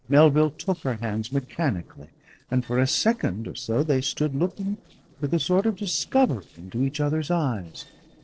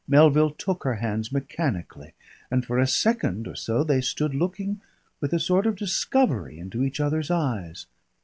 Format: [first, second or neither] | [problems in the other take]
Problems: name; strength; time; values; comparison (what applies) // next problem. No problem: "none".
second | noise reduction (neural separator model SepFormer DNS4)